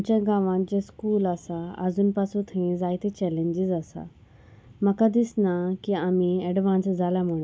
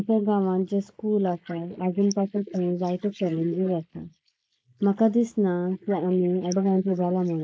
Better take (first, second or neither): first